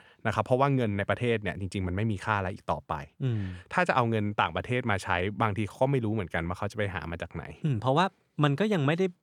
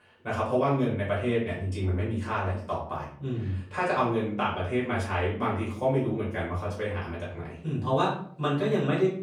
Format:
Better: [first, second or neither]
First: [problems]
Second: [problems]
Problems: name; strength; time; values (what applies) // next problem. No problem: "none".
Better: first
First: none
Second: room echo; noticeable; dies away in 0.5 s // off-mic speech; far